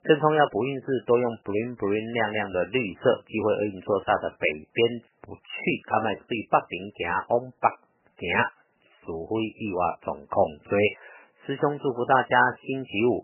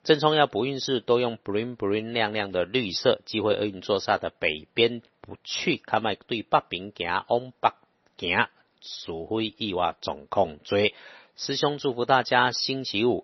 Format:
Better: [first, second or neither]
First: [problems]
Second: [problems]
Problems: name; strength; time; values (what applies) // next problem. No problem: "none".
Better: second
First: garbled, watery; badly; nothing above 3 kHz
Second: garbled, watery; slightly; nothing above 6 kHz